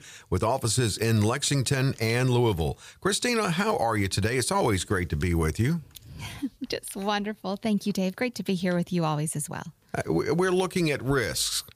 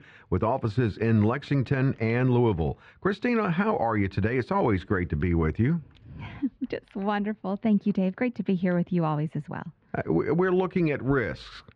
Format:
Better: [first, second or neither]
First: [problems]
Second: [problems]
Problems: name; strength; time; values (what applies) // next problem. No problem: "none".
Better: first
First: none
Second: muffled; very; fading above 2.5 kHz